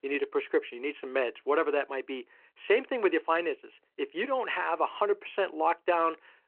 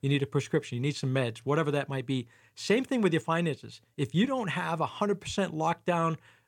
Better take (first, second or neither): second